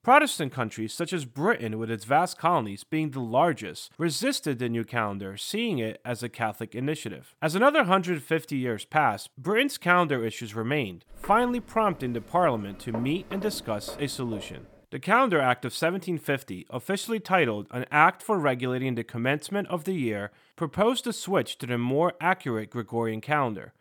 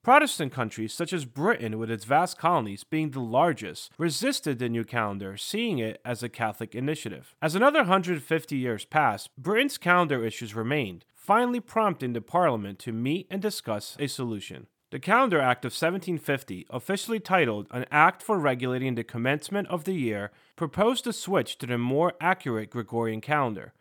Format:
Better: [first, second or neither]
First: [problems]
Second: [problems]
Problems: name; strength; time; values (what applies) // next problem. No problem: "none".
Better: second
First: footsteps; faint; from 11 to 15 s; peak 15 dB below the speech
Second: none